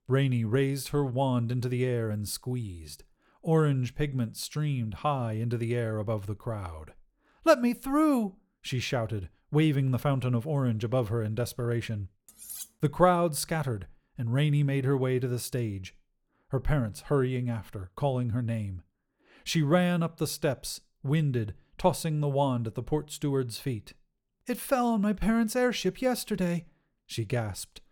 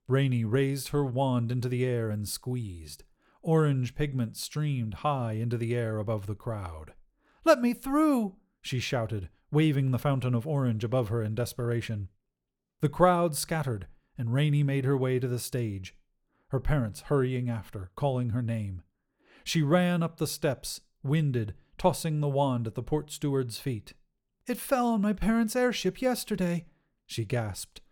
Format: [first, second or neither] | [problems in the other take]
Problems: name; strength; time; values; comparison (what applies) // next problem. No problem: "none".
second | clattering dishes; faint; at 12 s; peak 10 dB below the speech